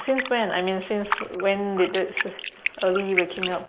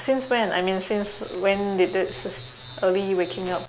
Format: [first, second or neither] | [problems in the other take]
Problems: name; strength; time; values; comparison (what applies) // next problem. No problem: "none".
second | noise reduction (neural mask model Resemble Enhance denoiser)